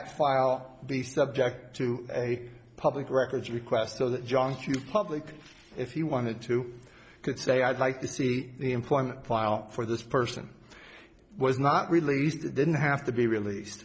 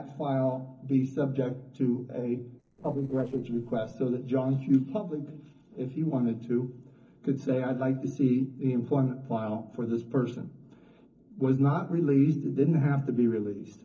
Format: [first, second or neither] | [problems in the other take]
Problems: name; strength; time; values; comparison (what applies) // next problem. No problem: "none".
first | noise reduction (neural separator model SepFormer DNS4)